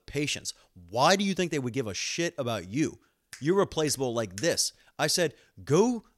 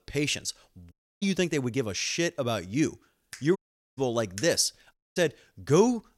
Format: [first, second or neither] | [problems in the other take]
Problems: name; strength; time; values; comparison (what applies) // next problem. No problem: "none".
first | audio cutting out; at 1 s, at 3.5 s and at 5 s